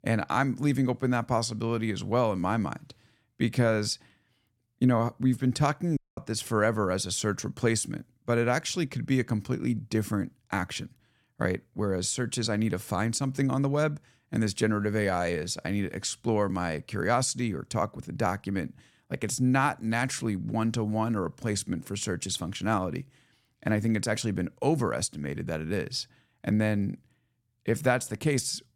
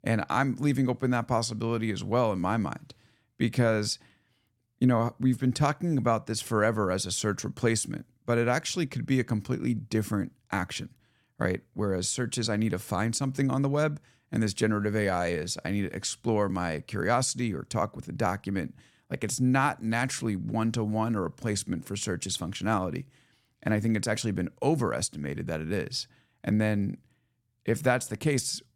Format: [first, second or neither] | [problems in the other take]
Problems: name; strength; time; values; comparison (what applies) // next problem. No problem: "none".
second | audio cutting out; at 6 s